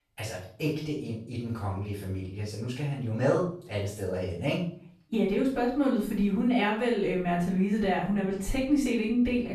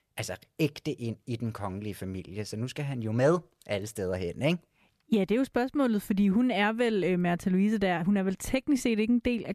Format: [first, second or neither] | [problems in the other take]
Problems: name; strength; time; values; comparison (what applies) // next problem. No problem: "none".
second | off-mic speech; far // room echo; noticeable; dies away in 0.4 s